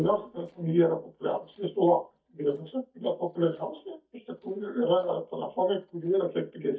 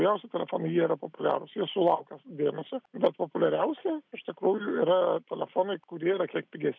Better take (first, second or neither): second